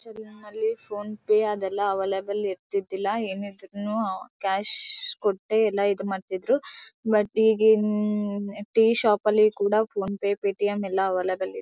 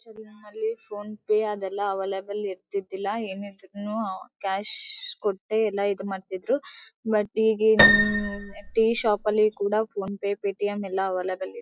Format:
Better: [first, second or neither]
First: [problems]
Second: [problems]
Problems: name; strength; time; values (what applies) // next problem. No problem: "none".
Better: first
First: none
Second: noise reduction (classical method log-MMSE)